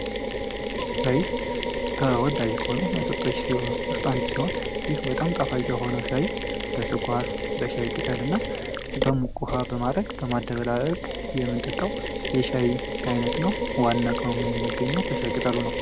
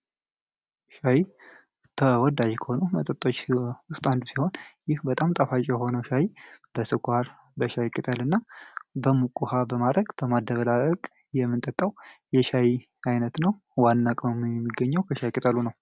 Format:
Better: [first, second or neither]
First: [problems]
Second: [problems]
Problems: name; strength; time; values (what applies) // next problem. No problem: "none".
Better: second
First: background sound (Mechanisms); 1 dB below the speech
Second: none